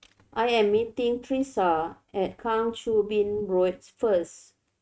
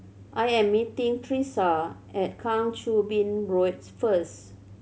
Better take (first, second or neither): second